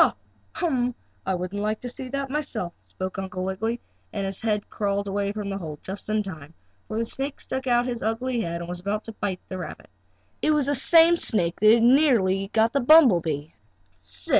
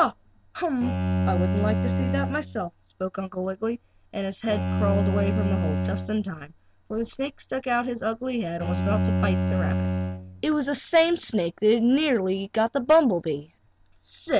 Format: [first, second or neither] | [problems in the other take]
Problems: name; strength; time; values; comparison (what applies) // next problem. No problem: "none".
first | background sound (Bowed string instrument); as loud as the speech